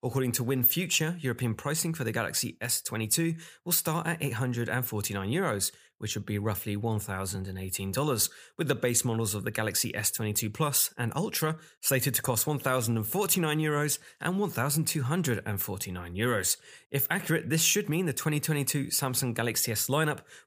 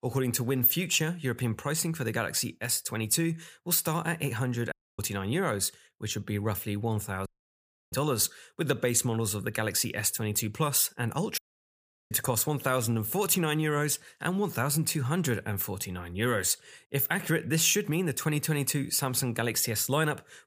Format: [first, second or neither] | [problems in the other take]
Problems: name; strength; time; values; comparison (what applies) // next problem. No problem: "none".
first | audio cutting out; at 4.5 s, at 7.5 s for 0.5 s and at 11 s for 0.5 s